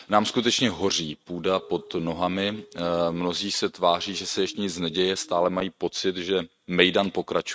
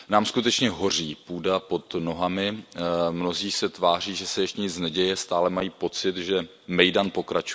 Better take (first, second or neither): second